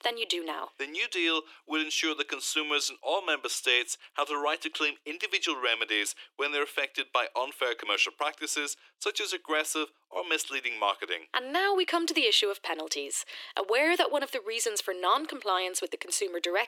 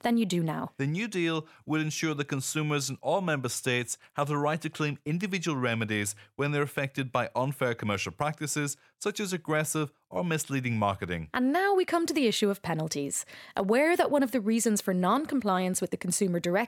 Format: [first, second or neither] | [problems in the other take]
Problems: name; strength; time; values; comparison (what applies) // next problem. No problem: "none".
second | thin; very; fading below 300 Hz